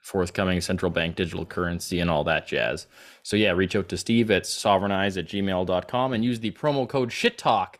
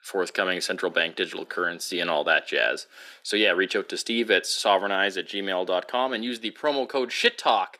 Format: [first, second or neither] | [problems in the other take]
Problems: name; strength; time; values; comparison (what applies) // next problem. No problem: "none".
first | thin; somewhat; fading below 300 Hz